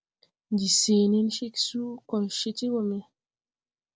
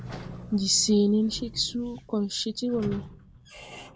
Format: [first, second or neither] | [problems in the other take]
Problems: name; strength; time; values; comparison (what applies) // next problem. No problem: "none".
first | background sound (Drum + Squeak / Sliding door); 14 dB below the speech